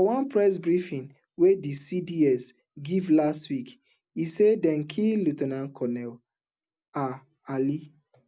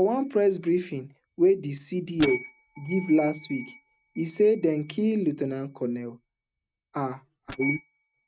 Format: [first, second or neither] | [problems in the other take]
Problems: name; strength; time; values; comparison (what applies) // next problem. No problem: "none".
first | noise reduction (neural mask model RNNoise)